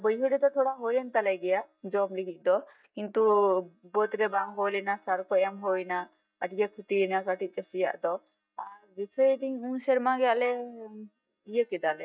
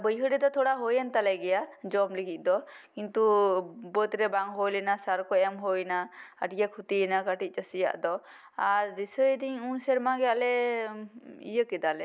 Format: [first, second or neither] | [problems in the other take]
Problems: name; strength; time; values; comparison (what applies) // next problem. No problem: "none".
second | noise reduction (neural mask model DeepFilterNet 3)